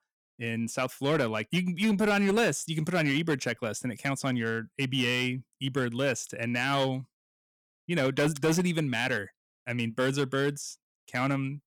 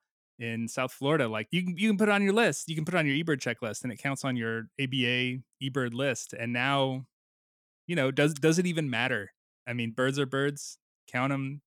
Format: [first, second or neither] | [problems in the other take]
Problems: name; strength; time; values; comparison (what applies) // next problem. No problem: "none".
second | distortion; slight; 6% of the sound clipped